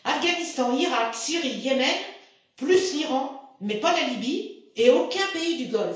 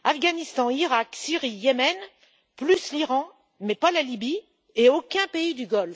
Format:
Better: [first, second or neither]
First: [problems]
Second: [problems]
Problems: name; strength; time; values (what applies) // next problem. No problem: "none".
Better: second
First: room echo; dies away in 0.5 s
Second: none